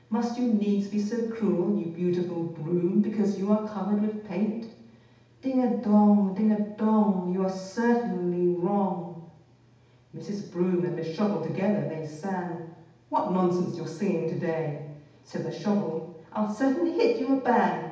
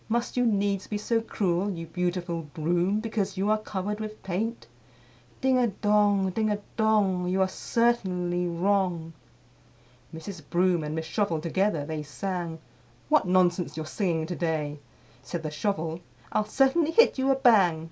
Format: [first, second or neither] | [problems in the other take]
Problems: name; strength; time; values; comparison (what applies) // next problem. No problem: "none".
second | room echo; dies away in 0.8 s